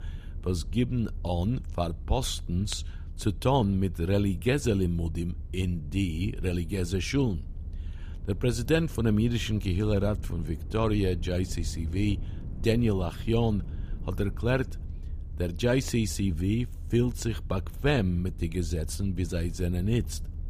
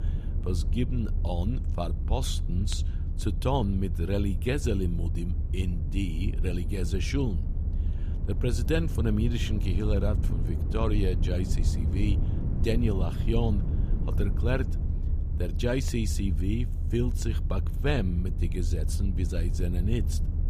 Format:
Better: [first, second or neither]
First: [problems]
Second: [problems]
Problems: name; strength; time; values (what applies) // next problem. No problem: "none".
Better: first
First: low rumble; faint; throughout; 20 dB below the speech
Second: low rumble; loud; throughout; 10 dB below the speech